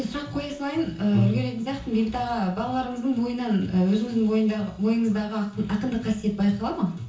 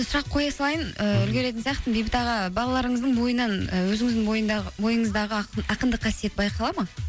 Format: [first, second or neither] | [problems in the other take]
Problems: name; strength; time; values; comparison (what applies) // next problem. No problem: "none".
second | room echo; dies away in 0.7 s